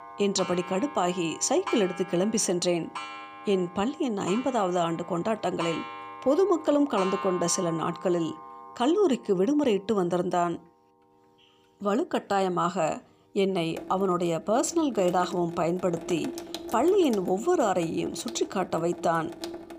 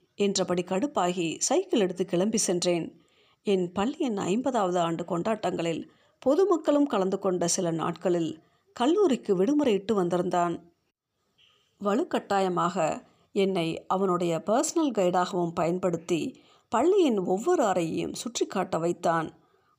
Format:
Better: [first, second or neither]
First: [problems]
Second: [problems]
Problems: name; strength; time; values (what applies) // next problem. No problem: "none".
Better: second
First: household noises; noticeable; throughout; 15 dB below the speech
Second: none